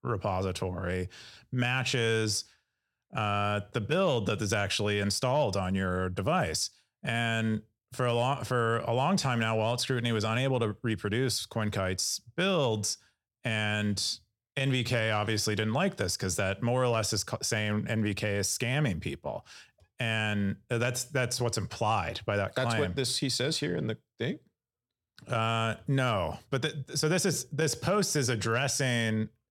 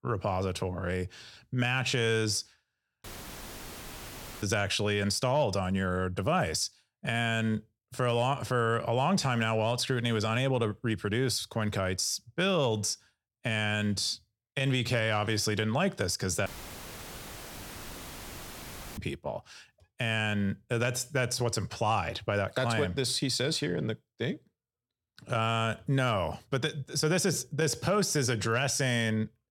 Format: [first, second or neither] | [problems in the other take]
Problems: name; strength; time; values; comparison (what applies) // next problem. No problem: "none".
first | audio cutting out; filled with static; at 3 s for 1.5 s and at 16 s for 2.5 s